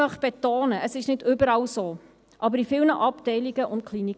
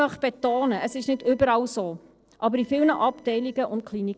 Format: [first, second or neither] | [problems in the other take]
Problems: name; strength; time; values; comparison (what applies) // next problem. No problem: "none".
first | noise reduction (neural separator model SepFormer DNS4)